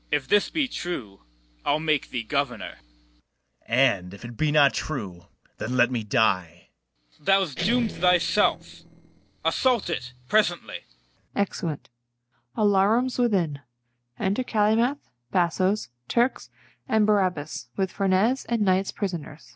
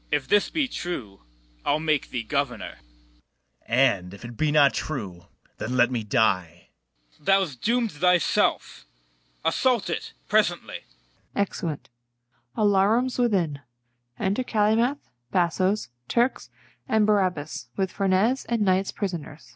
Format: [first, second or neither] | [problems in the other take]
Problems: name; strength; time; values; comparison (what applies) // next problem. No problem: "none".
second | noise reduction (neural separator model SepFormer DNS4)